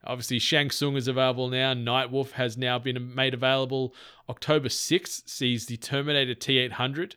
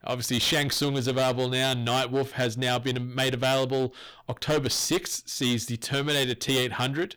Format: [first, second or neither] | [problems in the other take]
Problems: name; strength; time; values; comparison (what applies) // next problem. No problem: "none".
first | distortion; heavy; 17% of the sound clipped